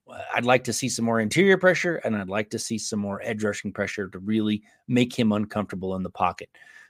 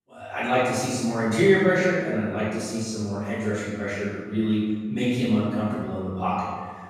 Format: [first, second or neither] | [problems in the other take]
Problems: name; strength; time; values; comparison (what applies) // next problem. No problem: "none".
first | room echo; strong; dies away in 1.6 s // off-mic speech; far